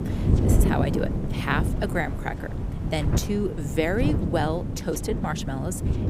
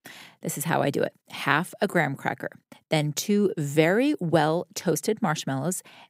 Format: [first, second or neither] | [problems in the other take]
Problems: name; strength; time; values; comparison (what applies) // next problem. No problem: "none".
second | wind noise on the microphone; heavy; 6 dB below the speech